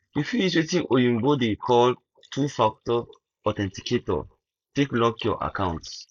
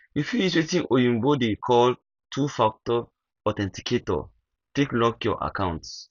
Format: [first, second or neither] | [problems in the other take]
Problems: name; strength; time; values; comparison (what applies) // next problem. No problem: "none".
second | noise reduction (neural mask model Resemble Enhance denoiser)